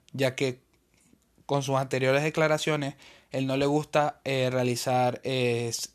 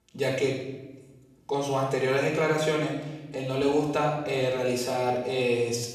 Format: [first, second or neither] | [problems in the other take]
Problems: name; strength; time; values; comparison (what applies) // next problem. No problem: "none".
first | off-mic speech; far // room echo; noticeable; dies away in 0.9 s